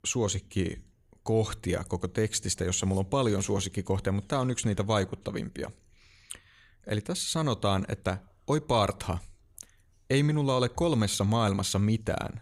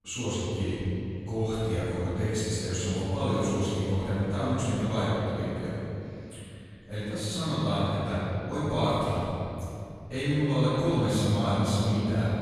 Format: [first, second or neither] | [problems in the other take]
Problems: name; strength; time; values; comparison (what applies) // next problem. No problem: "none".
first | room echo; strong; dies away in 2.8 s // off-mic speech; far